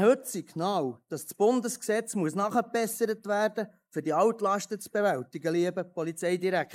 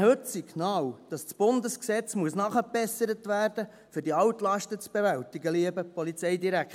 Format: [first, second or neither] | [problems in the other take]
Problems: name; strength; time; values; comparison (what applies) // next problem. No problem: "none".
second | noise reduction (neural mask model Resemble Enhance denoiser)